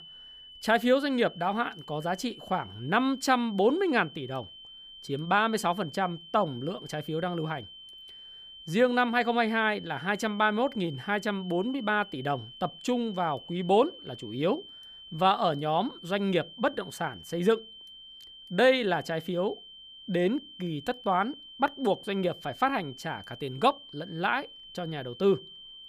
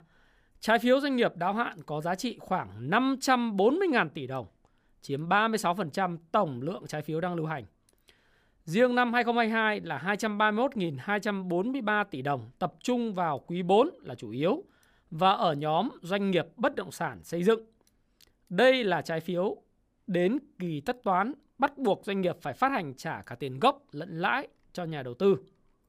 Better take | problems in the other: second | high-pitched whine; noticeable; throughout; 3 kHz, 15 dB below the speech

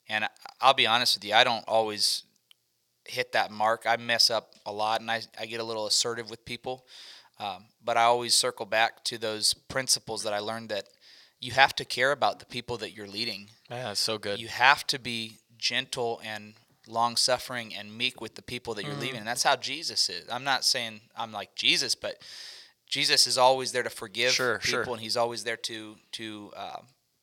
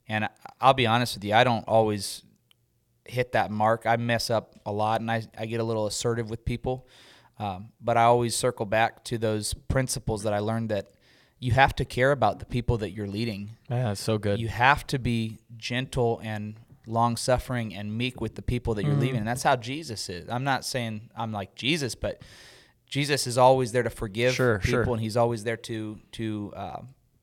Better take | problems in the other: second | thin; somewhat; fading below 1 kHz

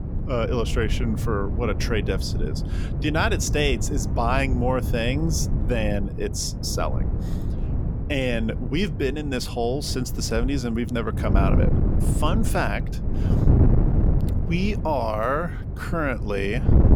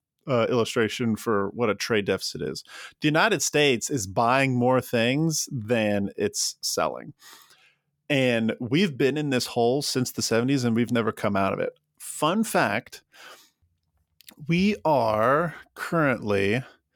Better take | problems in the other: second | wind noise on the microphone; heavy; 9 dB below the speech

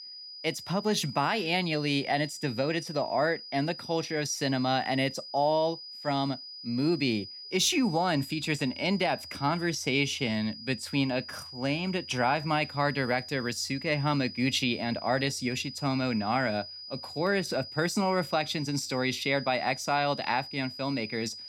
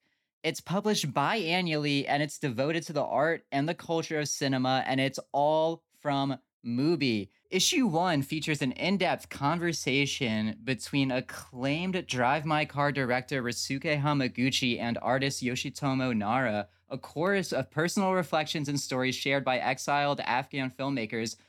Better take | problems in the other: second | high-pitched whine; noticeable; throughout; 5 kHz, 10 dB below the speech

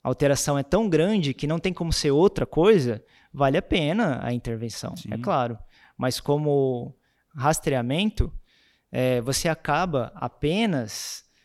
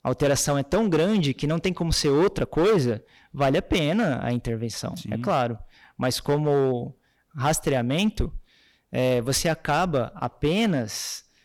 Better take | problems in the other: first | distortion; slight; 7% of the sound clipped

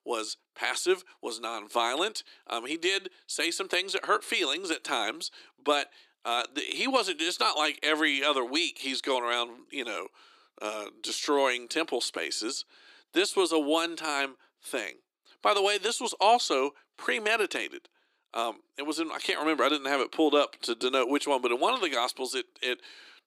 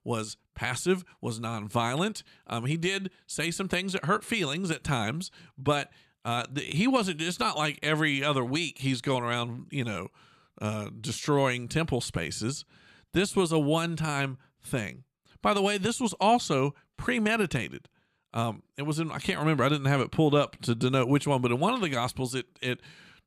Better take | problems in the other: second | thin; somewhat; fading below 300 Hz

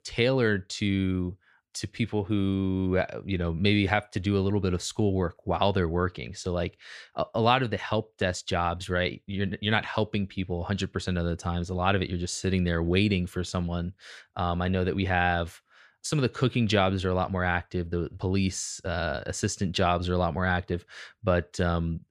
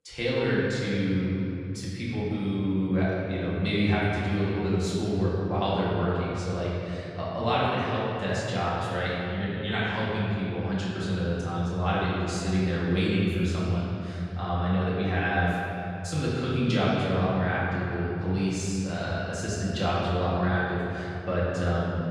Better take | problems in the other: first | room echo; strong; dies away in 3 s // off-mic speech; far

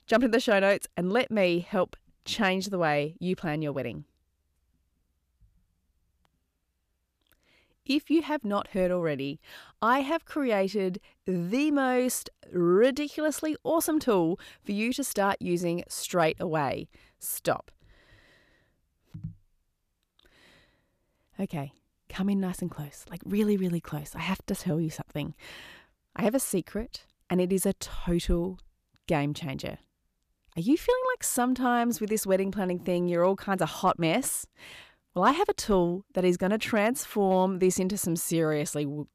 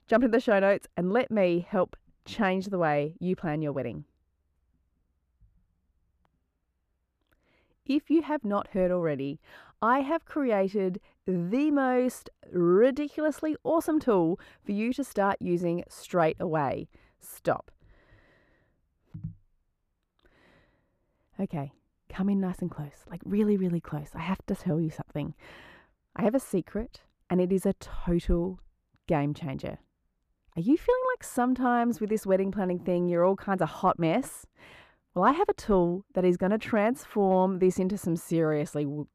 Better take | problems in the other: first | muffled; slightly; fading above 2.5 kHz

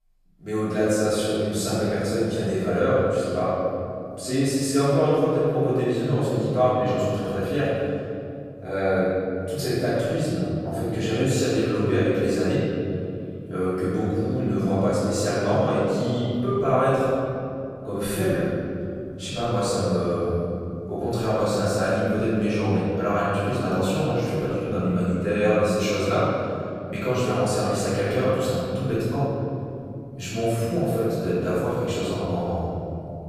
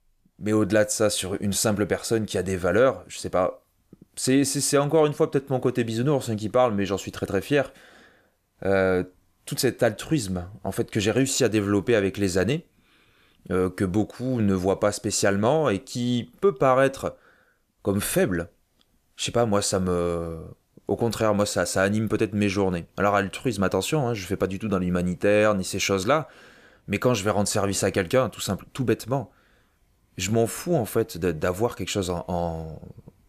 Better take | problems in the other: second | room echo; strong; dies away in 3 s // off-mic speech; far

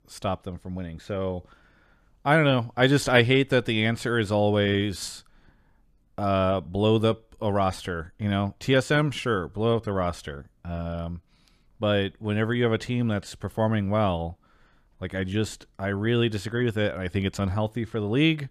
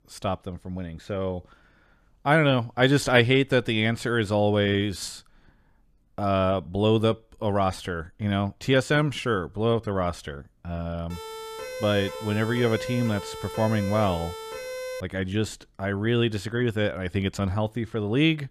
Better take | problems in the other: first | siren; noticeable; from 11 to 15 s; peak 8 dB below the speech

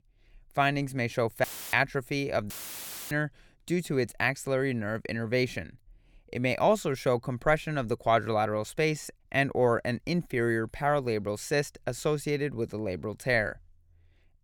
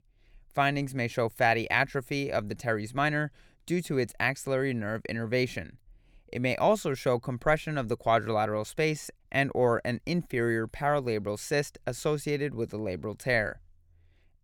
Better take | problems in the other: second | audio cutting out; filled with static; at 1.5 s and at 2.5 s for 0.5 s

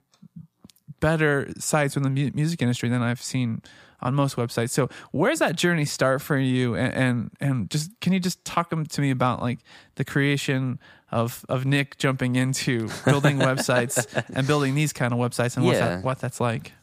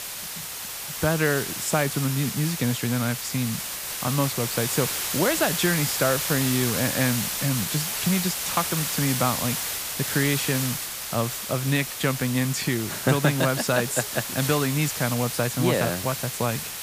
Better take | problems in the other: first | hiss; loud; throughout; 2 dB below the speech

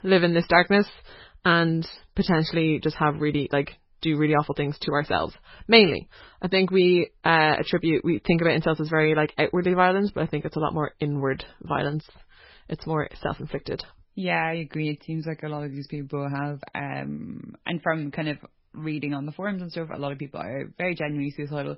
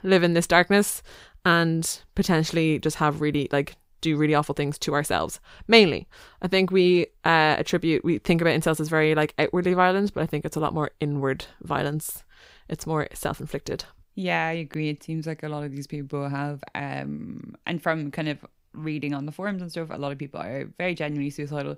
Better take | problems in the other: second | garbled, watery; badly; nothing above 4.5 kHz

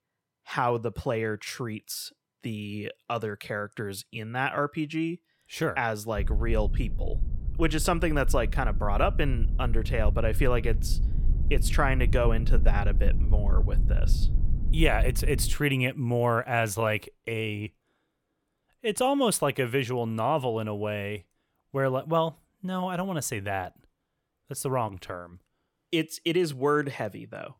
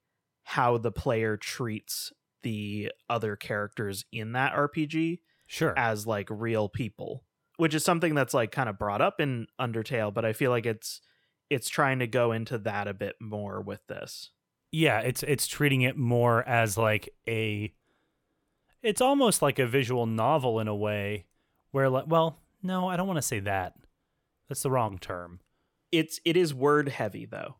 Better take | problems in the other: second | low rumble; noticeable; from 6 to 16 s; 20 dB below the speech

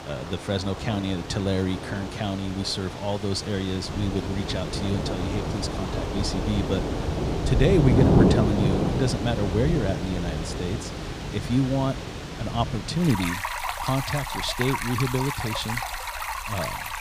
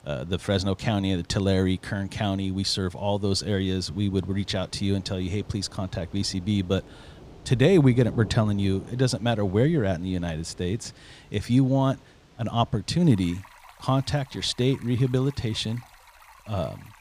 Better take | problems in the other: second | rain or running water; loud; throughout; 1 dB below the speech; faint in the second

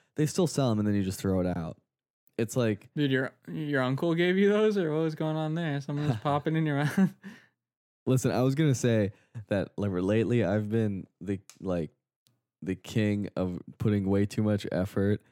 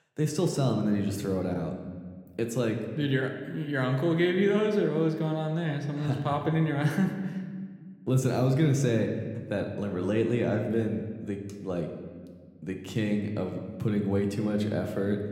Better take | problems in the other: first | room echo; slight; dies away in 1.3 s

